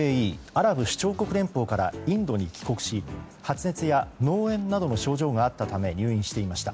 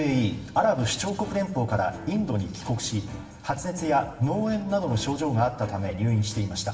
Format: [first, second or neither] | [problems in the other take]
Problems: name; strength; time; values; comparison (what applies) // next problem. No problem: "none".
first | room echo; dies away in 1.1 s